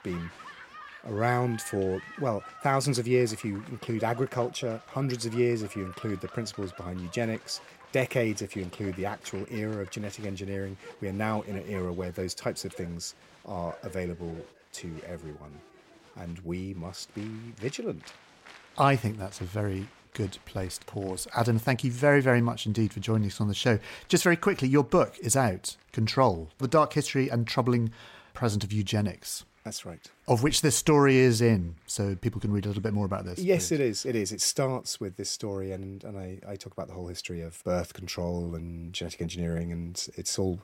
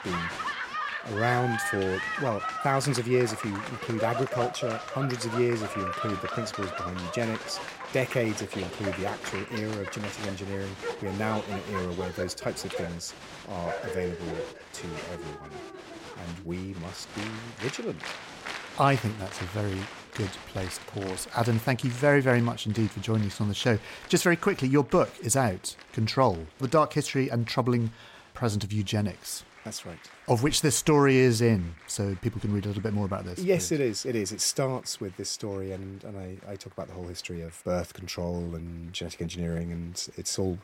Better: first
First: crowd noise; faint; throughout; 20 dB below the speech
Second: crowd noise; loud; throughout; 8 dB below the speech

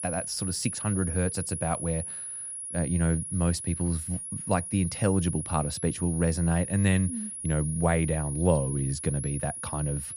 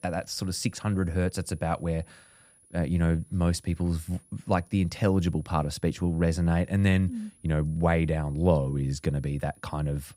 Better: second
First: high-pitched whine; loud; throughout; 10.5 kHz, 6 dB below the speech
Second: high-pitched whine; faint; throughout; 10.5 kHz, 30 dB below the speech

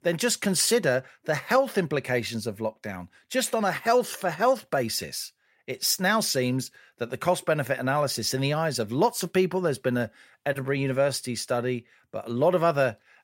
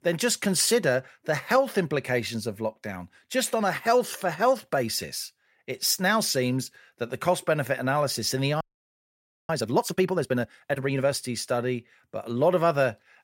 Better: first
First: none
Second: audio freezing; at 8.5 s for 1 s

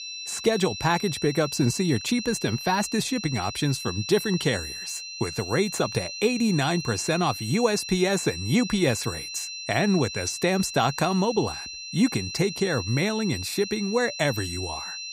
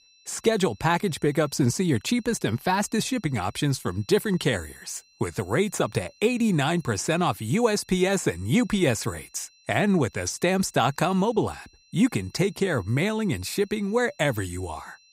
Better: second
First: high-pitched whine; loud; throughout; 4 kHz, 8 dB below the speech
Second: high-pitched whine; faint; throughout; 4 kHz, 30 dB below the speech

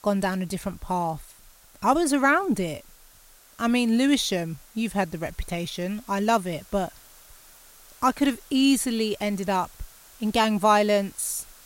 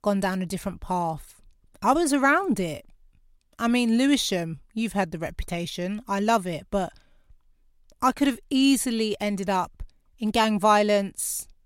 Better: second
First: hiss; faint; throughout; 25 dB below the speech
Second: none

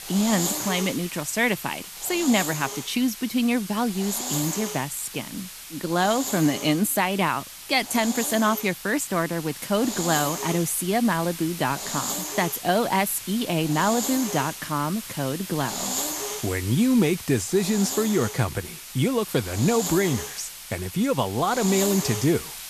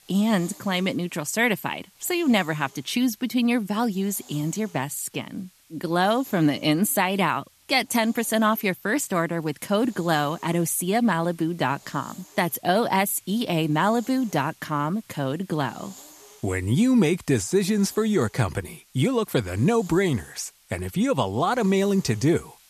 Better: second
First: hiss; loud; throughout; 7 dB below the speech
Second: hiss; faint; throughout; 25 dB below the speech

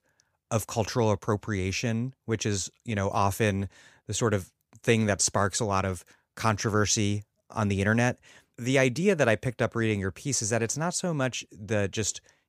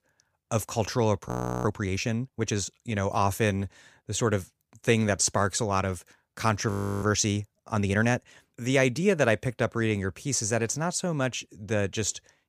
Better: first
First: none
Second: audio freezing; at 1.5 s and at 6.5 s

